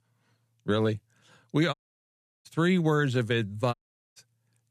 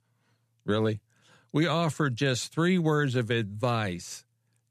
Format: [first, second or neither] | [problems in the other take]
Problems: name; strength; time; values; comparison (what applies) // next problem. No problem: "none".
second | audio cutting out; at 1.5 s for 0.5 s and at 3.5 s